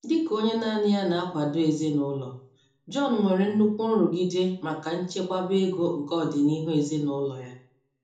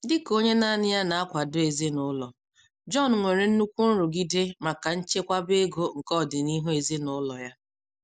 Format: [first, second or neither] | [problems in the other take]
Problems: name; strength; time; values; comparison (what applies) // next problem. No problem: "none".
second | room echo; dies away in 1 s